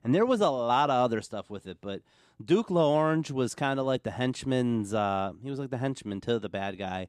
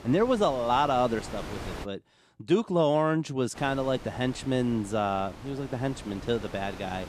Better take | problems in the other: first | wind noise on the microphone; occasional gusts; until 2 s and from 3.5 s on; 15 dB below the speech

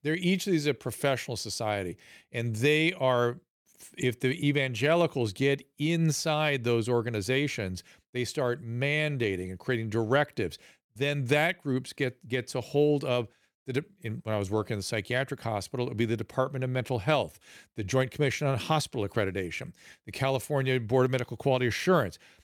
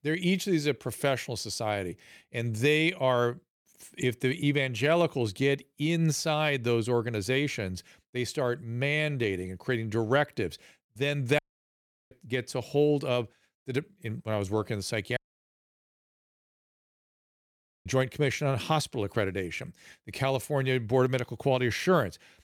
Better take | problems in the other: first | audio cutting out; at 11 s for 0.5 s and at 15 s for 2.5 s

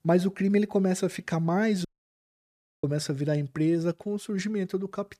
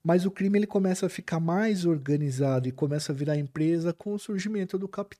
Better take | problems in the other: second | audio cutting out; at 2 s for 1 s

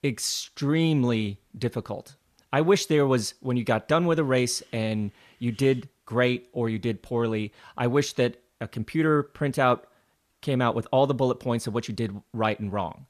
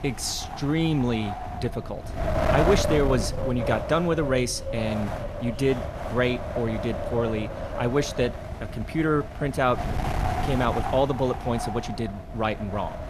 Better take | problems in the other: first | wind noise on the microphone; heavy; 4 dB below the speech

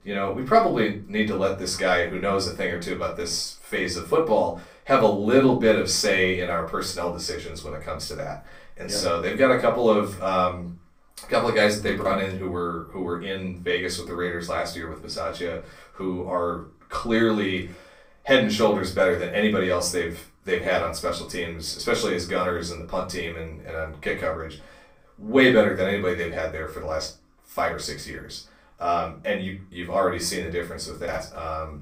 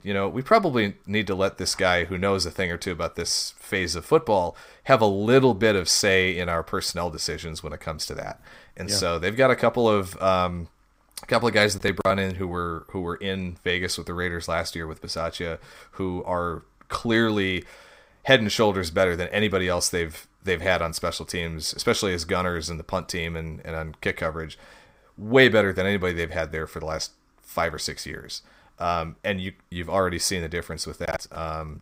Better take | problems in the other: second | off-mic speech; far // room echo; slight; dies away in 0.3 s

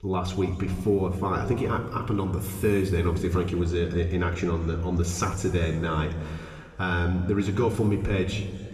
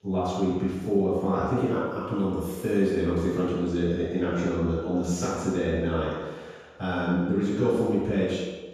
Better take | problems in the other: first | room echo; strong; dies away in 1.2 s; slight in the first // off-mic speech; far; somewhat distant in the first

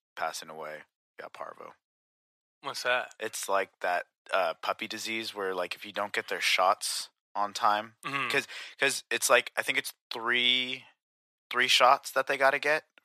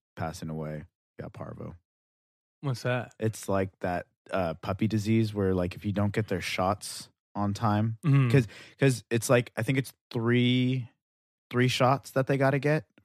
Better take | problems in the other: second | thin; very; fading below 900 Hz

